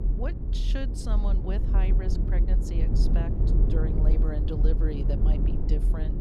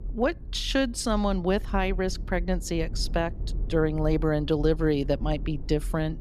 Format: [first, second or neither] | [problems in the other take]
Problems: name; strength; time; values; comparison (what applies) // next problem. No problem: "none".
second | low rumble; loud; throughout; 1 dB below the speech; faint in the second